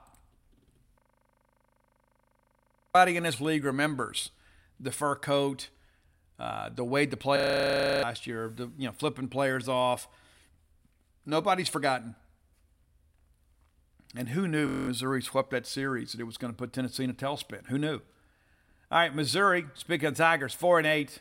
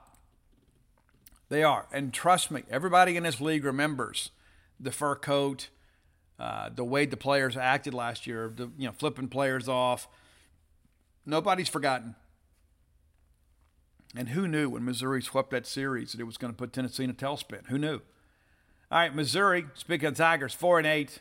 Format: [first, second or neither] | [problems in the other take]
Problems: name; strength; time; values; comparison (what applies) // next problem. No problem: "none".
second | audio freezing; at 1 s for 2 s, at 7.5 s for 0.5 s and at 15 s